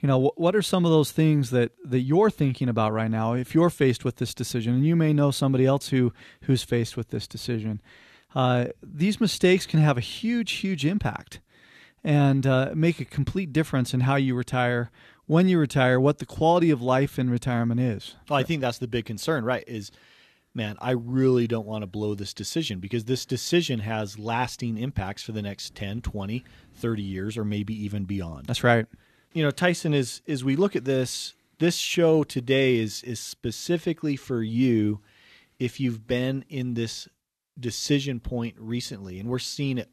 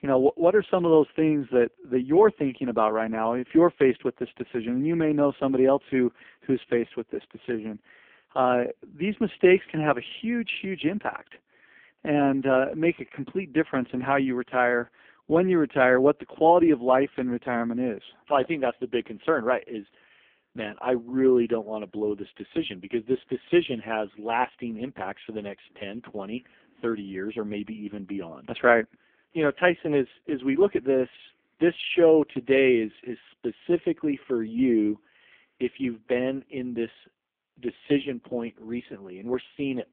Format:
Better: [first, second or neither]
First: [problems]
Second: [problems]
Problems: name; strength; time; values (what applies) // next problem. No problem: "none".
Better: first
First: none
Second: phone-call audio; poor line; nothing above 3.5 kHz